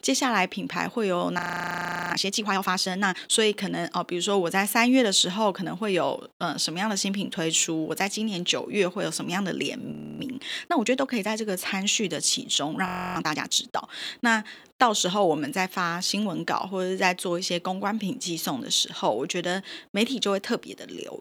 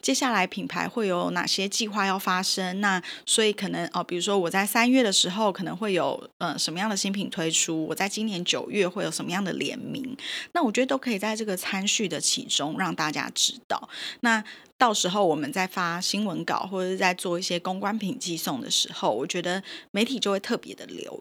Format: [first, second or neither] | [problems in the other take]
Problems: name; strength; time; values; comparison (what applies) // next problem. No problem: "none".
second | audio freezing; at 1.5 s for 0.5 s, at 10 s and at 13 s